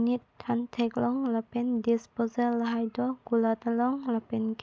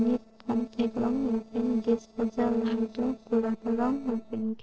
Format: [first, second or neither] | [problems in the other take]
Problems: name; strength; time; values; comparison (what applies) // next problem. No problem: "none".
first | noise reduction (neural separator model SepFormer DNS4)